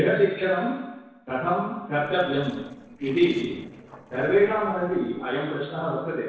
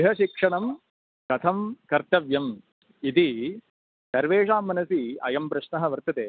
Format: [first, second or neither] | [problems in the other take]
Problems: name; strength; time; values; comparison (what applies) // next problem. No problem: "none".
second | noise reduction (neural separator model SepFormer DNS4)